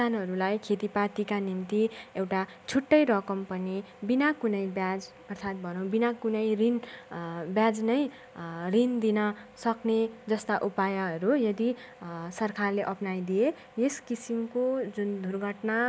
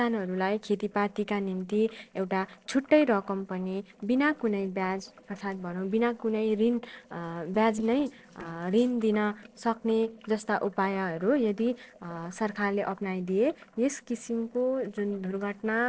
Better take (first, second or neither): first